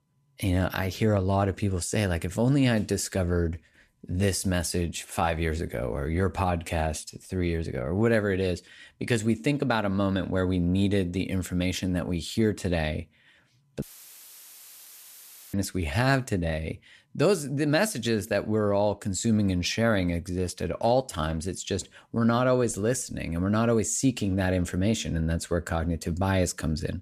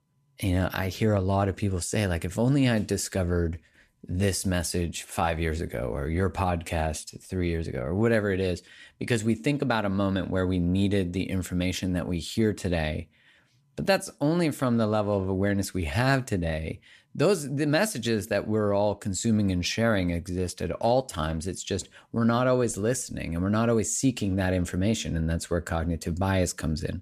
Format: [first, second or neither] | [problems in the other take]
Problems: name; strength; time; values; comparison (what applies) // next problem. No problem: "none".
second | audio cutting out; filled with static; at 14 s for 1.5 s